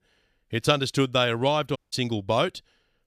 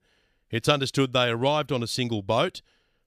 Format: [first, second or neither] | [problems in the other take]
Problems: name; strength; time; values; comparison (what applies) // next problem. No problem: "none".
second | audio cutting out; at 2 s